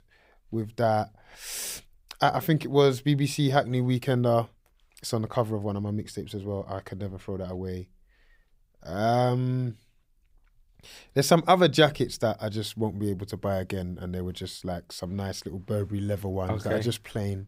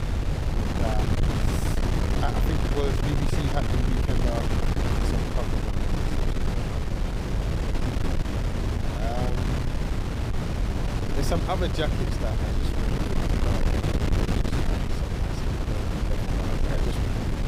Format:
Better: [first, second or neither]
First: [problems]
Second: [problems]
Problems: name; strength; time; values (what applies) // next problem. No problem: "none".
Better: first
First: none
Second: wind noise on the microphone; heavy; 3 dB above the speech